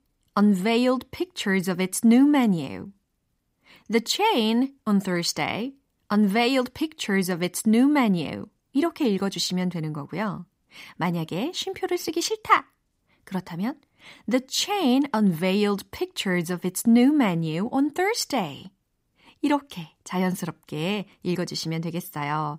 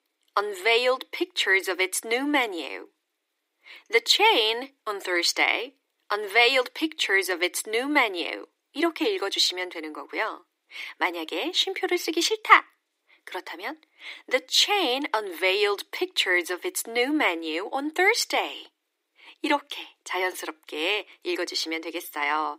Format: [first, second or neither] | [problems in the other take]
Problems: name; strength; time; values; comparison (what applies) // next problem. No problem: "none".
first | thin; very; fading below 300 Hz